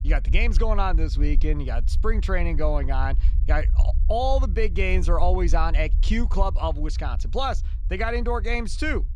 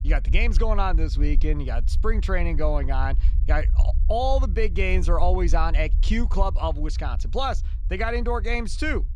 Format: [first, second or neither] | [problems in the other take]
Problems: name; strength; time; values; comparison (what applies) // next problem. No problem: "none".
neither | low rumble; noticeable; throughout; 20 dB below the speech; the same in both